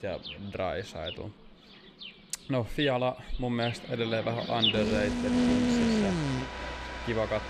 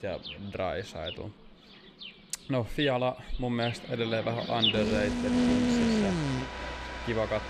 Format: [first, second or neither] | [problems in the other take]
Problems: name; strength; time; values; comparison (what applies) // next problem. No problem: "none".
neither | animal sounds; very loud; throughout; 2 dB above the speech; the same in both